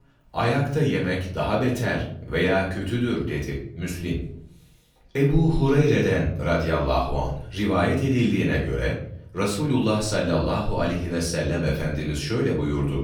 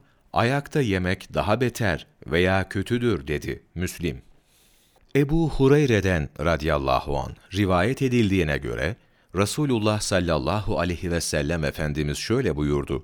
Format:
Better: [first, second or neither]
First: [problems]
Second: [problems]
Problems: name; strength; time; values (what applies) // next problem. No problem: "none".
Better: second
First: off-mic speech; far // room echo; slight; dies away in 0.6 s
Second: none